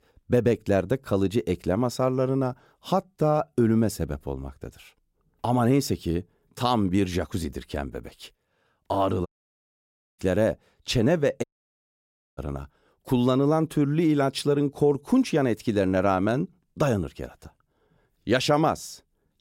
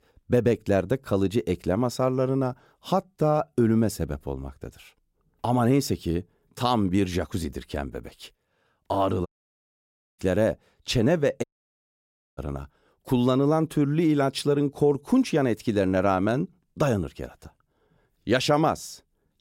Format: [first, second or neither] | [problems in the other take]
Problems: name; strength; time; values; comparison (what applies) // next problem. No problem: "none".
neither | audio cutting out; at 9.5 s for 1 s and at 11 s for 1 s; the same in both